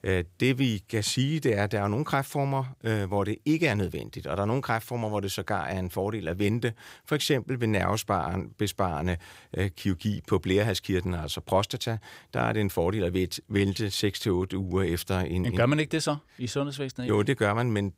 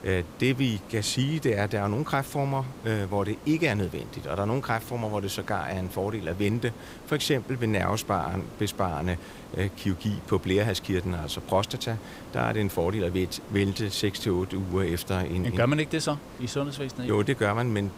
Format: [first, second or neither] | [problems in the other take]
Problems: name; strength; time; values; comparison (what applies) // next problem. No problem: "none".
first | hiss; noticeable; throughout; 15 dB below the speech